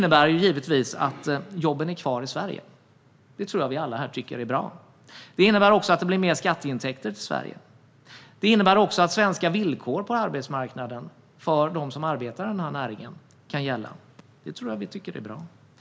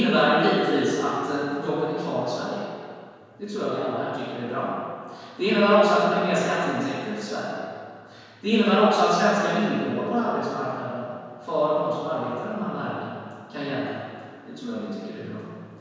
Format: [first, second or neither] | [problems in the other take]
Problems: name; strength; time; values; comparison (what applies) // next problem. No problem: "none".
first | room echo; dies away in 1.9 s